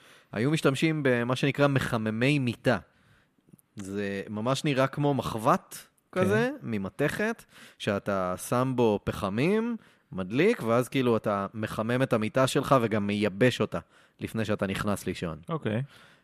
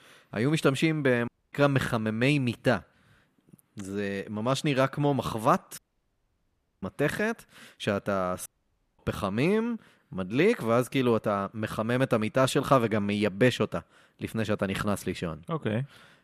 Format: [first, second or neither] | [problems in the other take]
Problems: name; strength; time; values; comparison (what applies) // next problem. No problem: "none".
first | audio cutting out; at 1.5 s, at 6 s for 1 s and at 8.5 s for 0.5 s